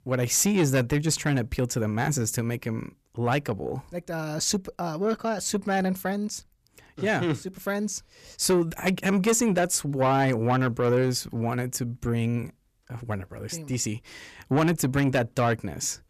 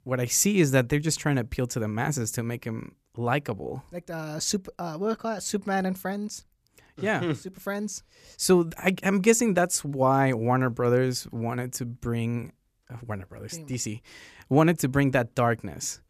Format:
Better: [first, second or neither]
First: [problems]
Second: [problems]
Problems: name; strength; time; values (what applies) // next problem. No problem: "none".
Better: second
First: distortion; slight; 10 dB below the speech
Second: none